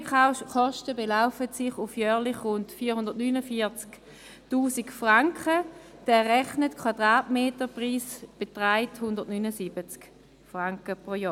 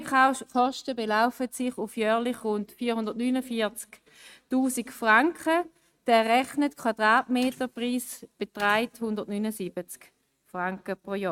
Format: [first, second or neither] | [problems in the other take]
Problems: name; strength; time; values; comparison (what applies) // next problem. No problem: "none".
first | noise reduction (neural mask model RNNoise)